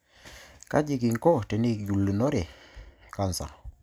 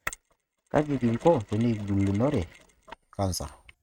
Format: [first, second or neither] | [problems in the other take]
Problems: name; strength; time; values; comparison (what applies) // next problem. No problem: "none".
first | noise reduction (neural mask model RNNoise)